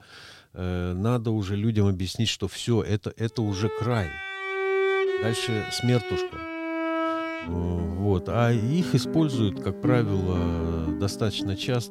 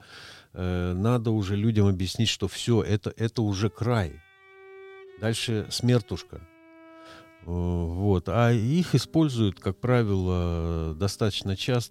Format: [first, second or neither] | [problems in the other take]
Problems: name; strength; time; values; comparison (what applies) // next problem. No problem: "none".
second | background music; loud; from 4 s on; 4 dB below the speech; faint in the second